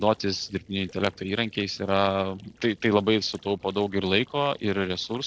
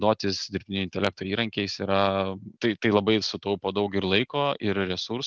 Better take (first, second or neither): second